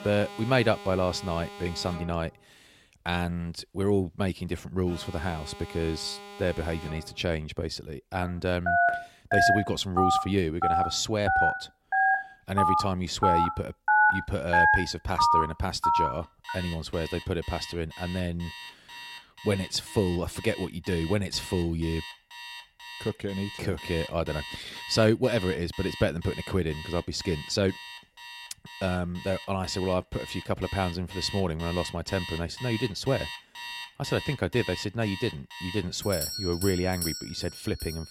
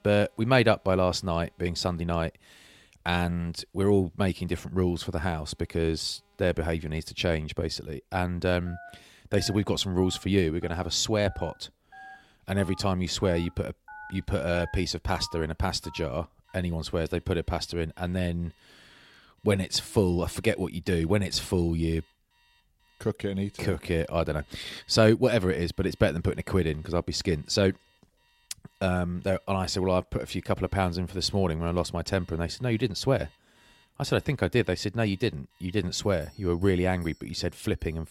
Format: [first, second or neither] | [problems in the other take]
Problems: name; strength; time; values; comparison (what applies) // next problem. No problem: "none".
second | alarms or sirens; loud; throughout; as loud as the speech; faint in the second